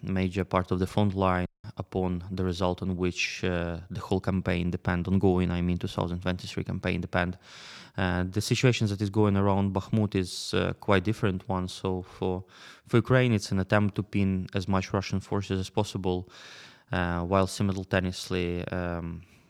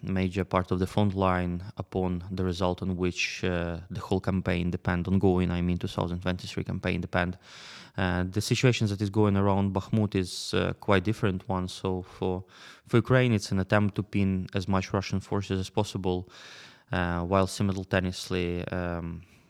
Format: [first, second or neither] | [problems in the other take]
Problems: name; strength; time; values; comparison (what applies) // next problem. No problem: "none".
second | audio cutting out; at 1.5 s